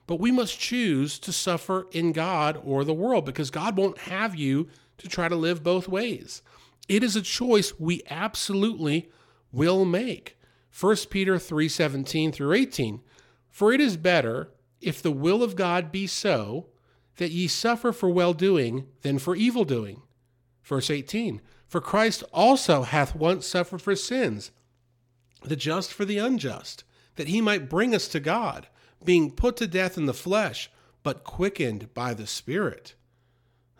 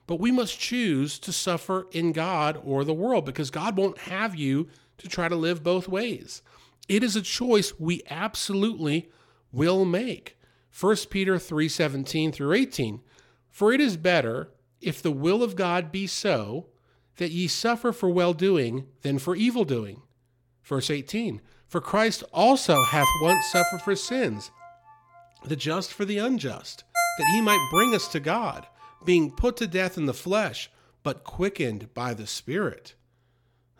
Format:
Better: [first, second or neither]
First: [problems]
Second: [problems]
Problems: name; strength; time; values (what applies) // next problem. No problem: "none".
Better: first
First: none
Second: phone ringing; loud; from 23 to 28 s; peak 4 dB above the speech